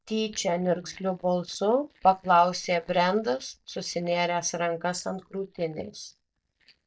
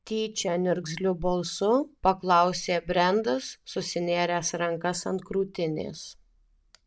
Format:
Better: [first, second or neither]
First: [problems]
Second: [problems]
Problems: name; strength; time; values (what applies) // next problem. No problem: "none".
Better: second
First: noise reduction (neural mask model DeepFilterNet 3)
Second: none